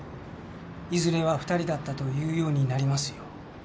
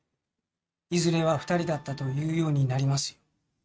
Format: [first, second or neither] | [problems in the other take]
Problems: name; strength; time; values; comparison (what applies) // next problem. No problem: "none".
first | noise reduction (neural mask model RNNoise)